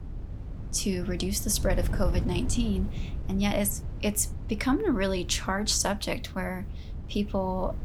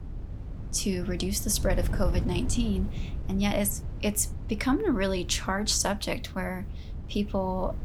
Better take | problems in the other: neither | wind noise on the microphone; occasional gusts; 15 dB below the speech; the same in both

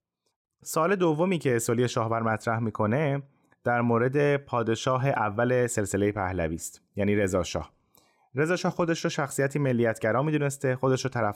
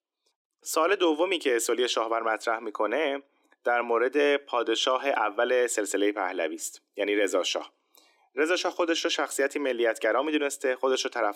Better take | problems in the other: first | thin; somewhat; fading below 300 Hz

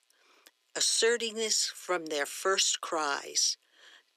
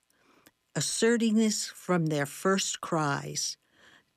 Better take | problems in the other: second | thin; very; fading below 400 Hz

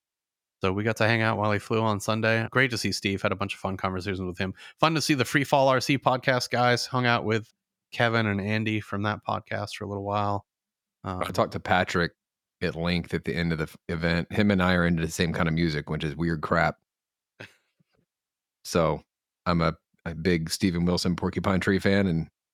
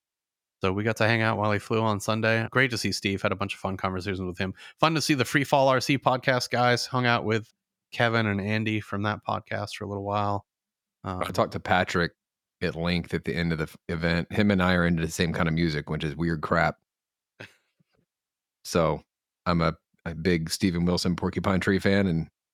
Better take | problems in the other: neither | none

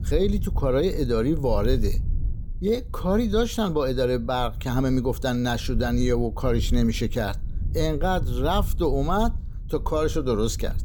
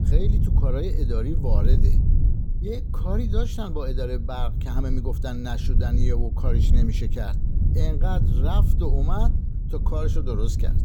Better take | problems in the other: first | low rumble; loud; throughout; 6 dB below the speech; faint in the first

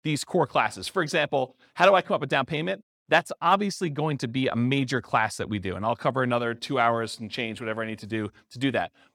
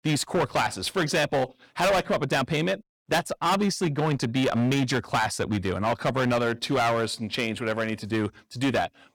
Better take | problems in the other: first | distortion; heavy; 15% of the sound clipped

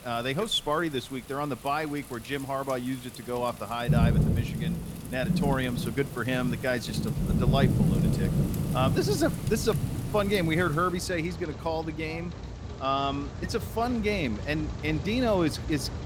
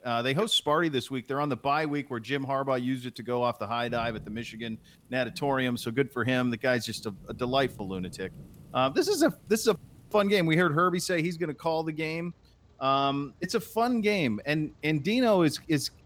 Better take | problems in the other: second | rain or running water; loud; throughout; 1 dB below the speech; faint in the second

